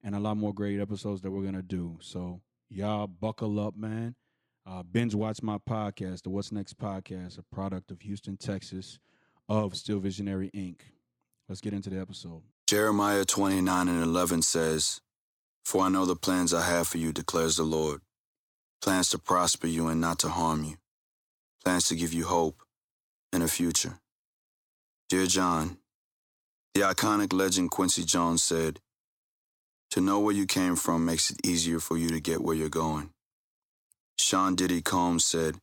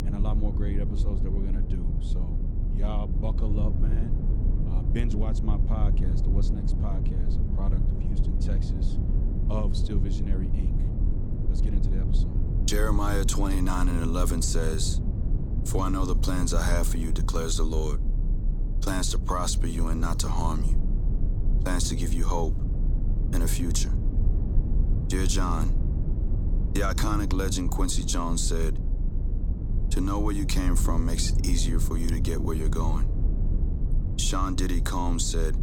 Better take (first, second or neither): first